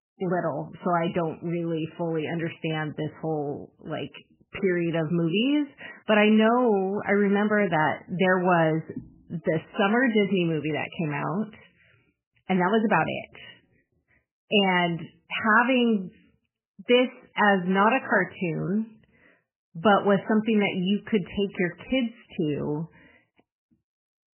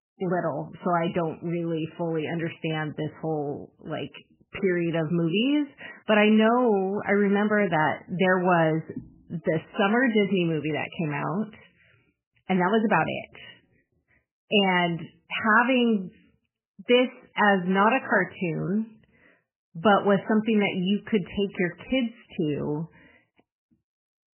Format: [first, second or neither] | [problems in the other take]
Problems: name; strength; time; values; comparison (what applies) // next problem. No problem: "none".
neither | garbled, watery; badly; nothing above 3 kHz; the same in both